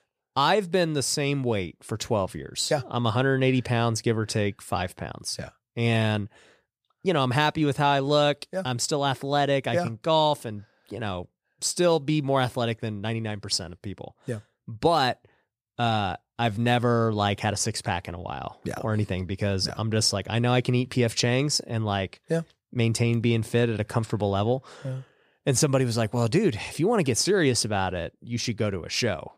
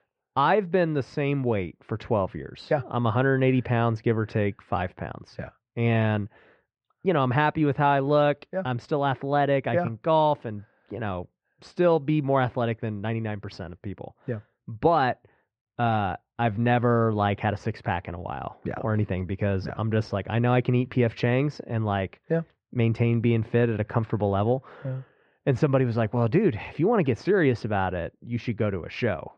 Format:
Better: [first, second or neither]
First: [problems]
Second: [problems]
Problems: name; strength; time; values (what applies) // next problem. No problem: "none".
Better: first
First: none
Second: muffled; very; fading above 2.5 kHz